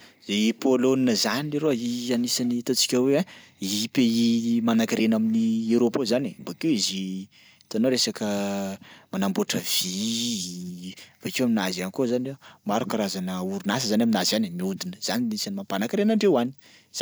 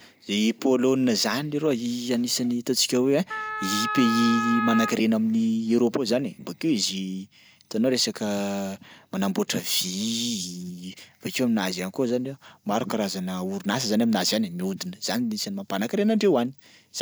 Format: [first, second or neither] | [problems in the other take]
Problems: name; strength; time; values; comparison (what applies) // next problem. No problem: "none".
first | background sound (Wind instrument, woodwind instrument); 4 dB below the speech